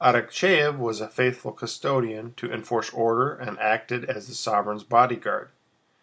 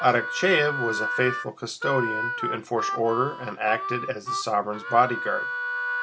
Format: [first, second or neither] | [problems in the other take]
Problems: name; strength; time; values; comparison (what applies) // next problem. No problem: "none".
first | background sound (Harmonica); 5 dB below the speech